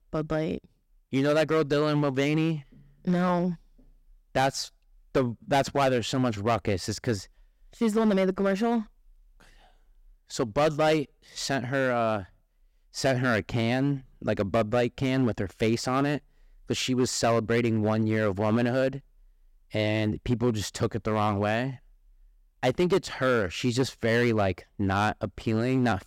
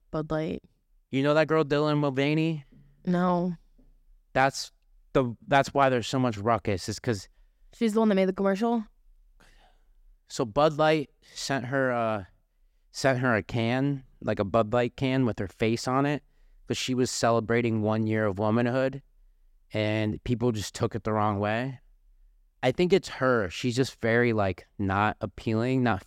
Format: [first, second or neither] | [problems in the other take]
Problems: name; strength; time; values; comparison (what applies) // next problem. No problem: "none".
second | distortion; slight; 5% of the sound clipped